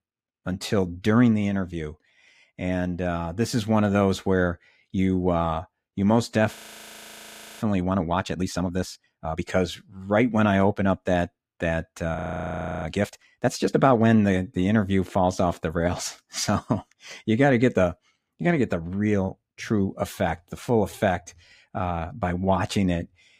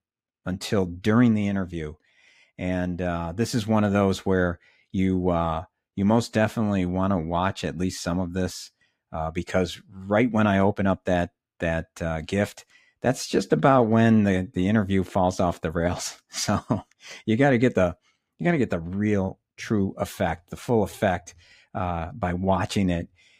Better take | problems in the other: second | audio freezing; at 6.5 s for 1 s and at 12 s for 0.5 s

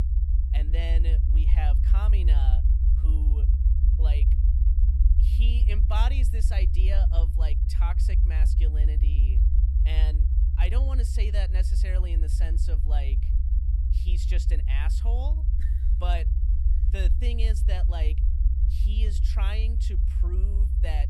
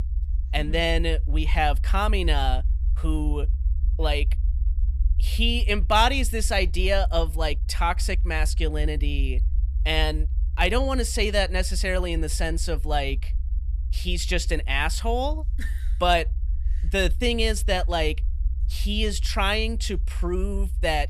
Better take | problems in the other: second | low rumble; loud; throughout; 5 dB below the speech; faint in the second

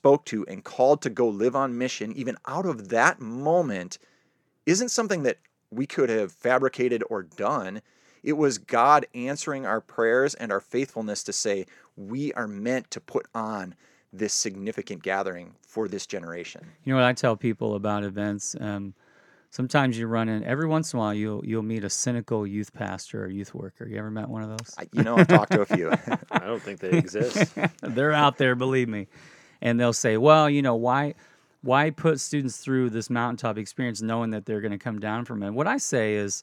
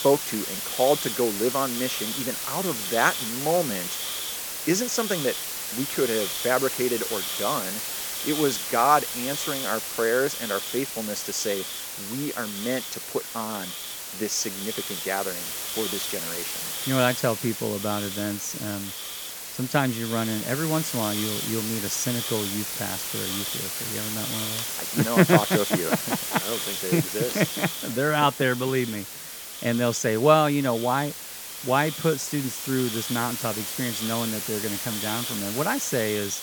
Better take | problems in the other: first | hiss; loud; throughout; 3 dB below the speech

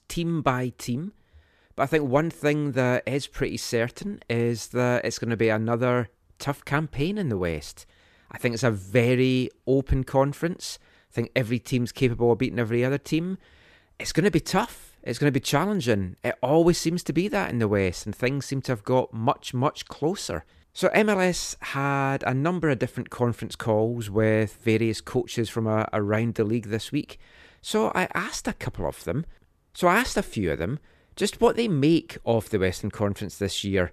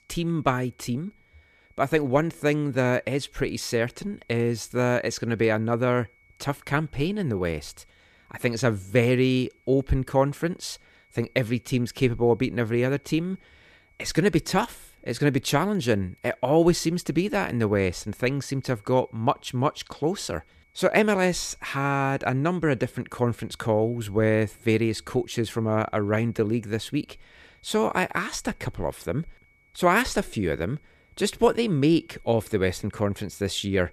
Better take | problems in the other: first | high-pitched whine; faint; throughout; 2 kHz, 35 dB below the speech

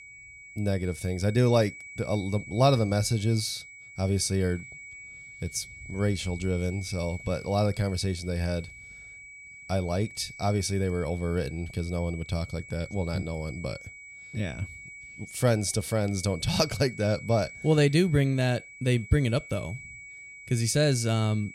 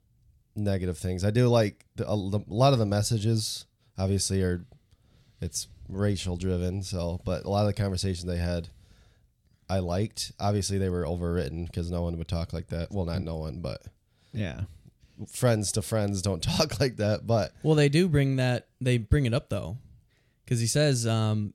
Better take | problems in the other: second | high-pitched whine; noticeable; throughout; 2.5 kHz, 15 dB below the speech

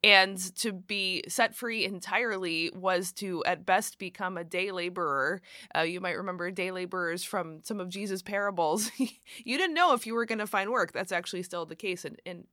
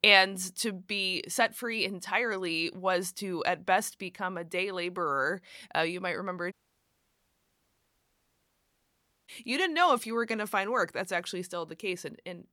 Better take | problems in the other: first | audio cutting out; at 6.5 s for 3 s

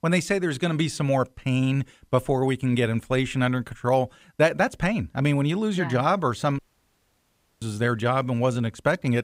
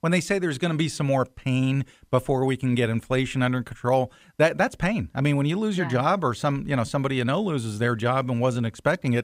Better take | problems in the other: second | audio cutting out; at 6.5 s for 1 s

